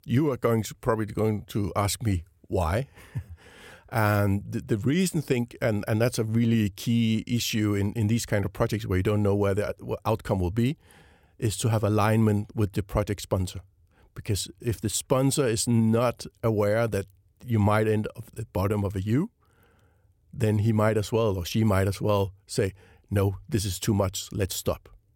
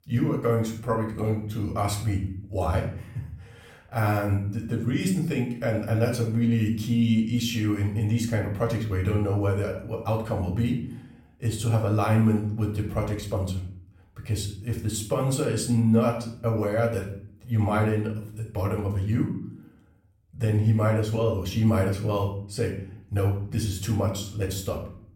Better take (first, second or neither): first